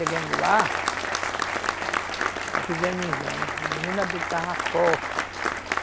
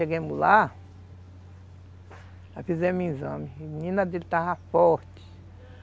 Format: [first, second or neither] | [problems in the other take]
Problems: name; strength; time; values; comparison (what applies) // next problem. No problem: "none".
second | background sound (Applause); 2 dB above the speech